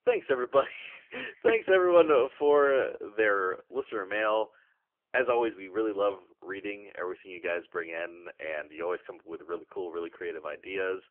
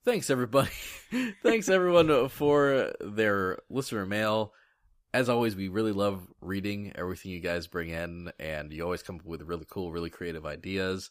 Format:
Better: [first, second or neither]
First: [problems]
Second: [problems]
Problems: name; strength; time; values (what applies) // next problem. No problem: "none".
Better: second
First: phone-call audio; poor line; nothing above 3 kHz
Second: none